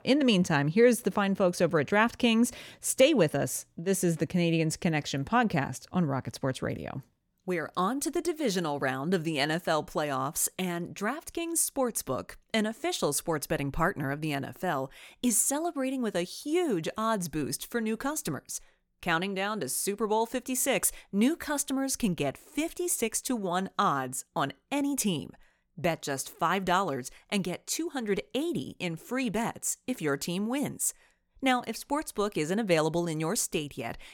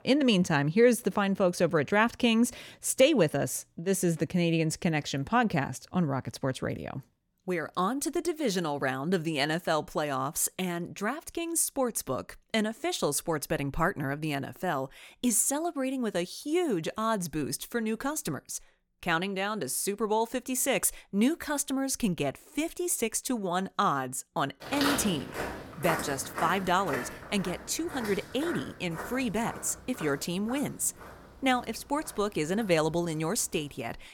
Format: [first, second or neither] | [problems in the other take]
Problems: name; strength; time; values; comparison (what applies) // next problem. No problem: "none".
first | footsteps; noticeable; from 25 to 33 s; peak level with the speech